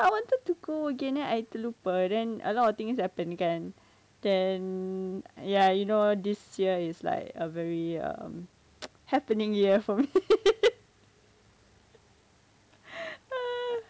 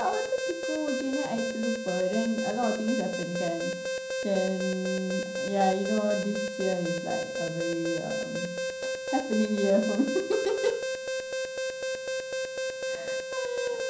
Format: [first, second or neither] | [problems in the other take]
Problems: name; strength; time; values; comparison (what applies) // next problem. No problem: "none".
first | background sound (Alarm); 2 dB below the speech // room echo; dies away in 0.6 s